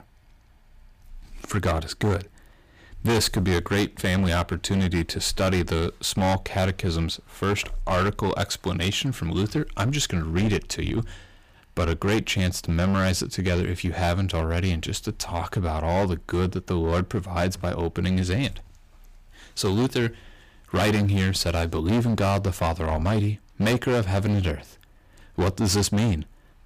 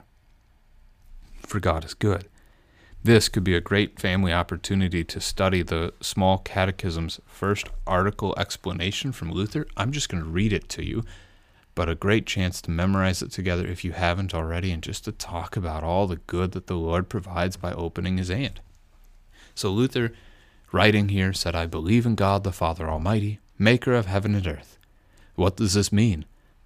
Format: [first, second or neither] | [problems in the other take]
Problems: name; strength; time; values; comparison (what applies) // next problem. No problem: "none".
second | distortion; heavy; 12% of the sound clipped